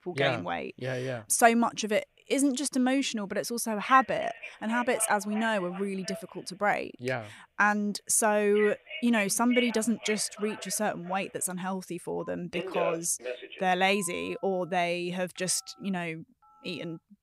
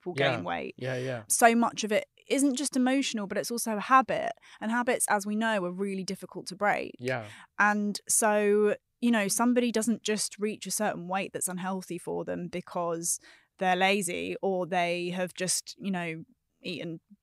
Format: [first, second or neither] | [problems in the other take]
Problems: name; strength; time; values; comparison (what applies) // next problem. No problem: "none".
second | alarms or sirens; loud; throughout; 10 dB below the speech